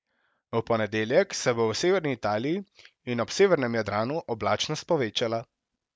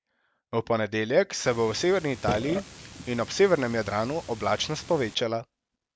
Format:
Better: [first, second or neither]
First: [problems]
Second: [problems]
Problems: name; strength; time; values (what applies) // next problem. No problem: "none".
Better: first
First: none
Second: background sound (Burping, eructation); 12 dB below the speech